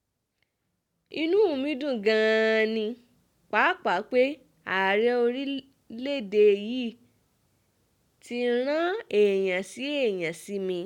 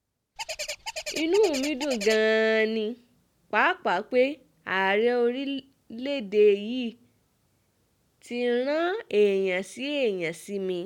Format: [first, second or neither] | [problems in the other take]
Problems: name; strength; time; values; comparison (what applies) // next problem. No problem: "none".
first | background sound (Bird); 9 dB below the speech